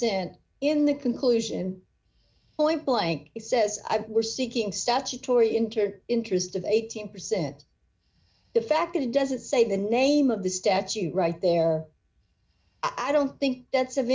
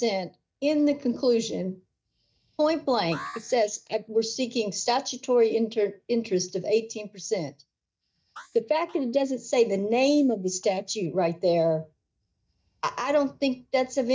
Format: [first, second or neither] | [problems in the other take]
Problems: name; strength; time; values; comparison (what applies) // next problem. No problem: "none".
first | noise reduction (neural mask model DeepFilterNet 3)